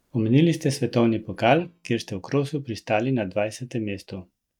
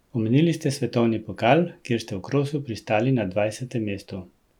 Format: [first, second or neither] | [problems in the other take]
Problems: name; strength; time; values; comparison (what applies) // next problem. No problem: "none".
second | noise reduction (neural mask model DeepFilterNet 3)